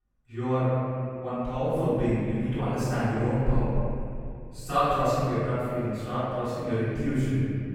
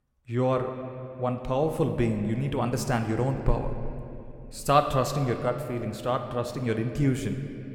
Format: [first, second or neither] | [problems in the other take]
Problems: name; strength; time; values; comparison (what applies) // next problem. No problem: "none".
second | room echo; strong; dies away in 2.5 s; slight in the second // off-mic speech; far